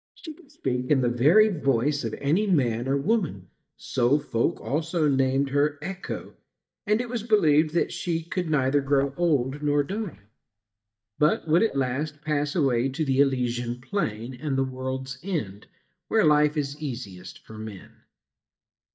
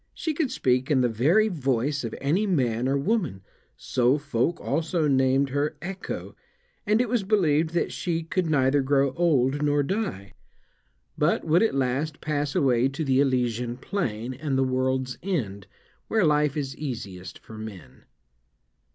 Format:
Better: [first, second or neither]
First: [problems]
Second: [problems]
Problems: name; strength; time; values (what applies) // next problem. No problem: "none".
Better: second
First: noise reduction (neural mask model DeepFilterNet 3)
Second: none